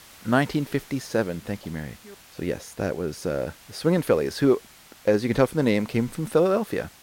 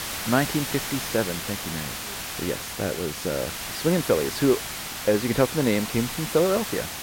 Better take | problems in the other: first | hiss; loud; throughout; 5 dB below the speech; faint in the first

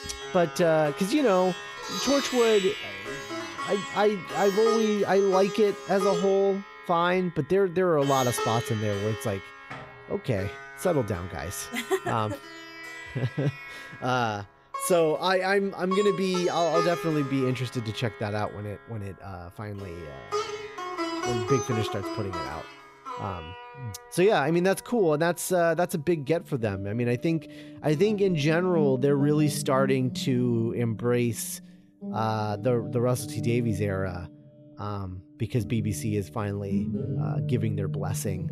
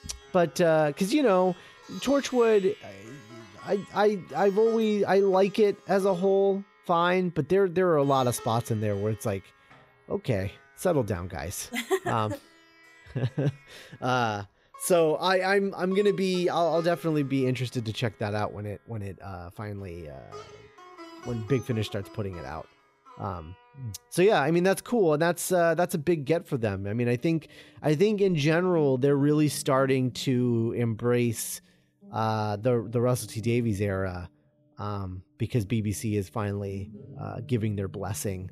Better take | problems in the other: second | background music; loud; throughout; 8 dB below the speech; faint in the second

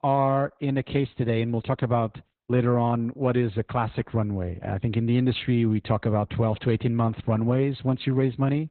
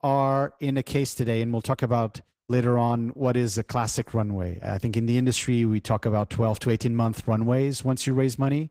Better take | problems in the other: second | garbled, watery; badly; nothing above 4 kHz; slightly in the second

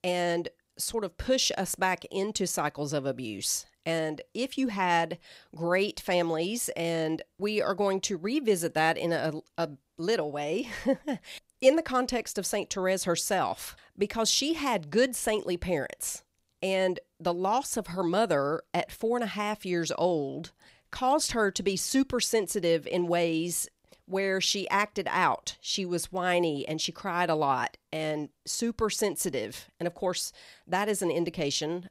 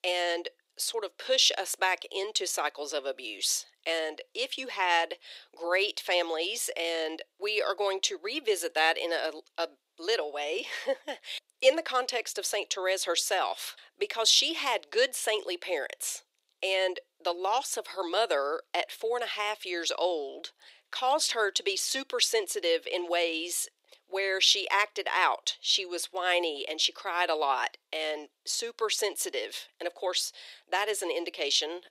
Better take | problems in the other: first | thin; very; fading below 350 Hz

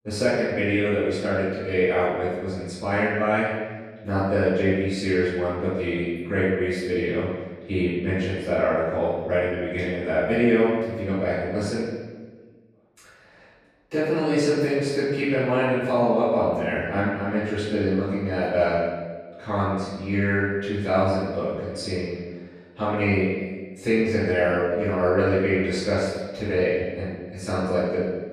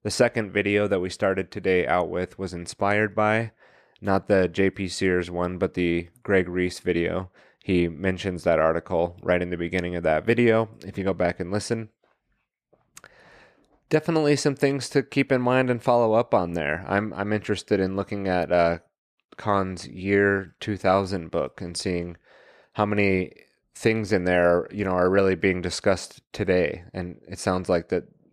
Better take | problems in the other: second | room echo; strong; dies away in 1.2 s // off-mic speech; far

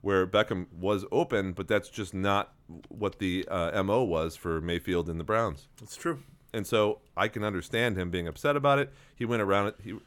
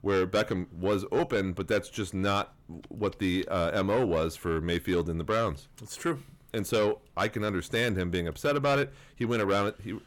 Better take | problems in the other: first | distortion; slight; 10 dB below the speech

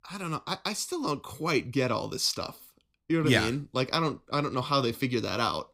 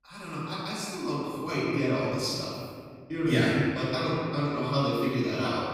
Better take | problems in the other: first | off-mic speech; far // room echo; strong; dies away in 1.9 s

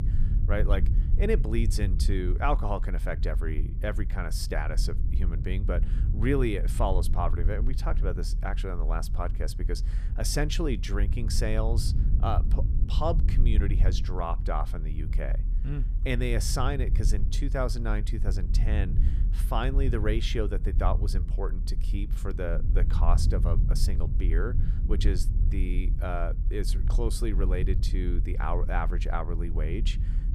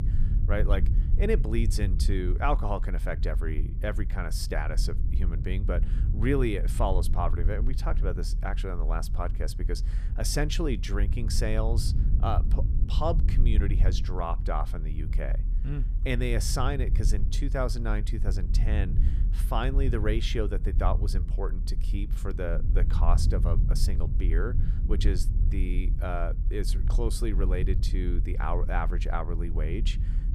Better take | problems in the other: neither | low rumble; noticeable; throughout; 10 dB below the speech; the same in both

